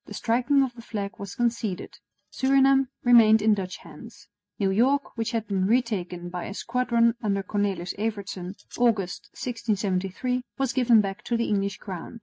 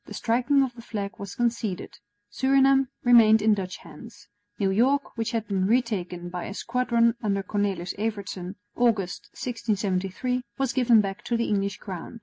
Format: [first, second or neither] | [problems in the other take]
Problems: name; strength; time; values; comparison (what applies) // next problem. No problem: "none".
second | noise reduction (neural mask model RNNoise)